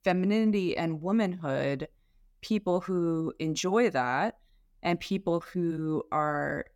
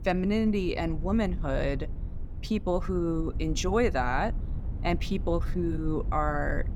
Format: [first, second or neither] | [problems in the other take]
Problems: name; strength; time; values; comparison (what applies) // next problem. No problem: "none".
first | wind noise on the microphone; occasional gusts; 20 dB below the speech